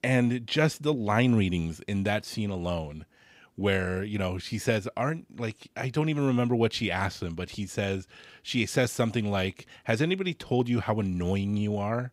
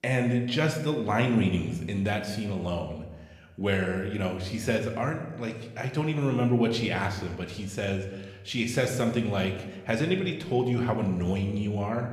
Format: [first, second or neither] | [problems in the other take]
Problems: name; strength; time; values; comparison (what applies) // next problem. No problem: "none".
first | room echo; slight; dies away in 0.9 s